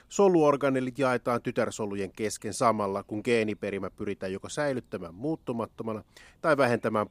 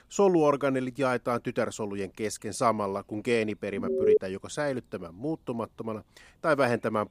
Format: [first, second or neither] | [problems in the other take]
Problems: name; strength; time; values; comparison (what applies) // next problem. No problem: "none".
first | alarm; loud; at 4 s; peak 5 dB above the speech